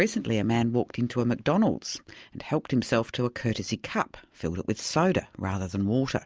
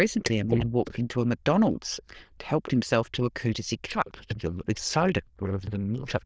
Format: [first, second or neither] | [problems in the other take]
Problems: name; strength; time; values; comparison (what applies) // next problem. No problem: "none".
first | noise reduction (neural diffusion model UNIVERSE++)